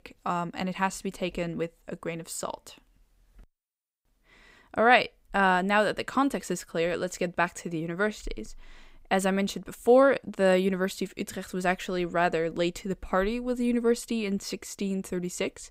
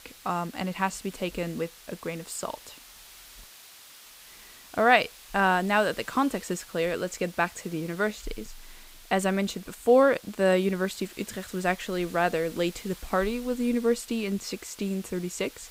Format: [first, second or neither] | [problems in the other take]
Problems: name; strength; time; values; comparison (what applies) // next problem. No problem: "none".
first | hiss; noticeable; throughout; 20 dB below the speech